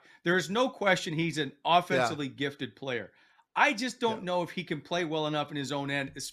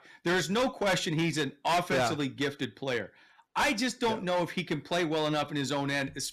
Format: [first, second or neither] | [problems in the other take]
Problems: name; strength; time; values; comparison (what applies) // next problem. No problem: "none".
first | distortion; heavy; 10% of the sound clipped